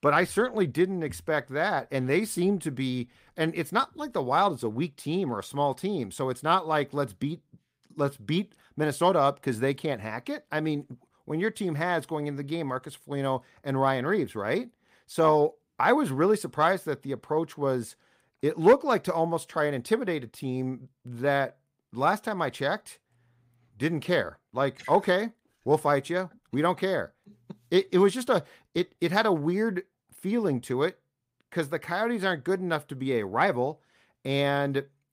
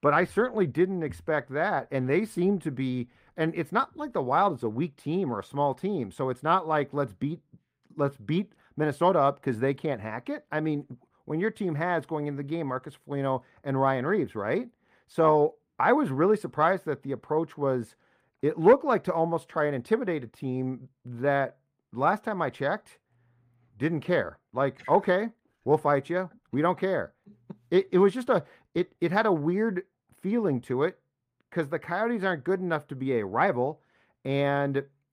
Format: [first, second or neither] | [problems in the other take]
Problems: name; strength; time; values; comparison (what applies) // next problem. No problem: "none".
first | muffled; slightly; fading above 3 kHz